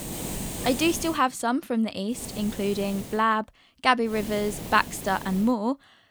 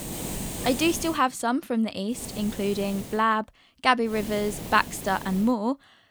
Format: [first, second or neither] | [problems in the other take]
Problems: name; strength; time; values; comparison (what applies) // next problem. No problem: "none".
neither | hiss; noticeable; until 1 s, from 2 to 3 s and from 4 to 5.5 s; 10 dB below the speech; the same in both